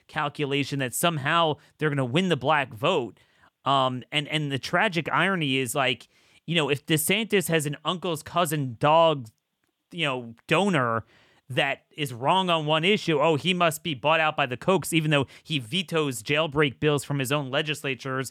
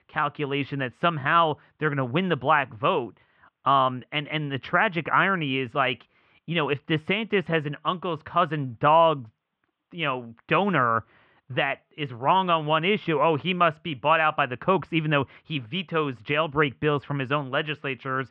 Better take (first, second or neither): first